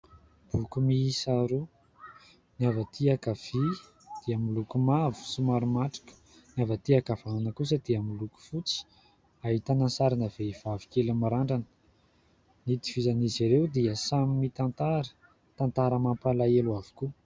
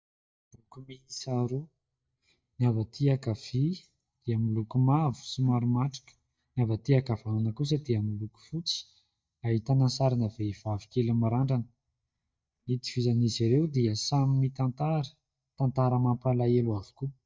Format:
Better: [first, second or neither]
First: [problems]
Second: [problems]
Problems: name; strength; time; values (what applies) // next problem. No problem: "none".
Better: first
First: none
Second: noise reduction (neural mask model DeepFilterNet 3)